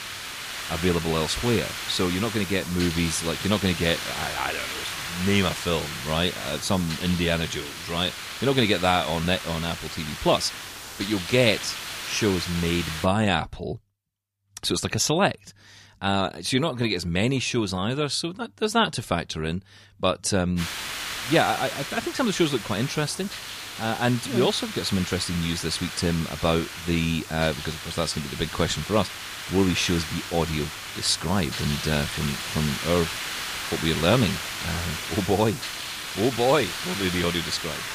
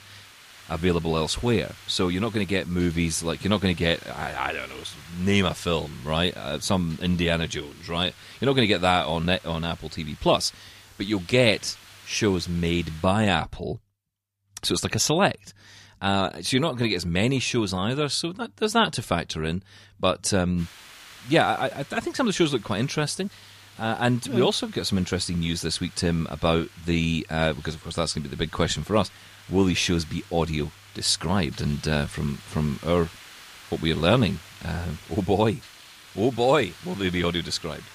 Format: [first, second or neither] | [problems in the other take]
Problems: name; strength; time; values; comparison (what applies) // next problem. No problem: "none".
second | hiss; loud; until 13 s and from 21 s on; 6 dB below the speech; faint in the second